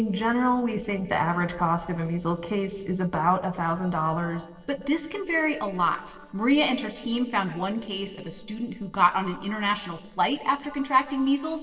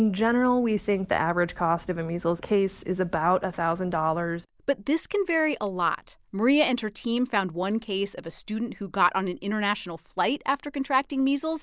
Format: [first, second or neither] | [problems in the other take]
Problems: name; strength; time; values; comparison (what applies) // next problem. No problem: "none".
second | noise reduction (neural separator model SepFormer DNS4)